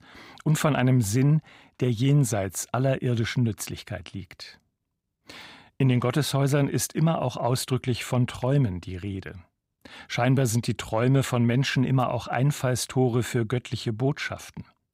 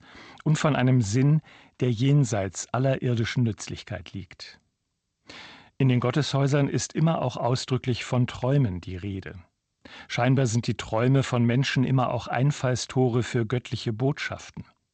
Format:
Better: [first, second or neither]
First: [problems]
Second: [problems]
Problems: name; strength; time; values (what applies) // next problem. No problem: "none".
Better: first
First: none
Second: garbled, watery; slightly; nothing above 8 kHz